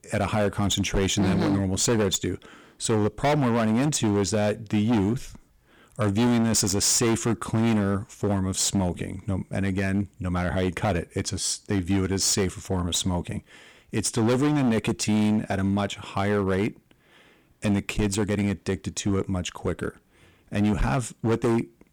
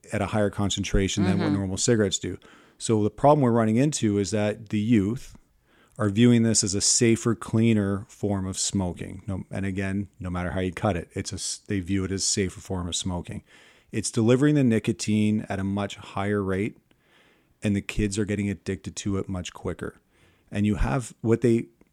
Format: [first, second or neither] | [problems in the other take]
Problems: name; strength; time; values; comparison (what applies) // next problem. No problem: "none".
second | distortion; heavy; 14% of the sound clipped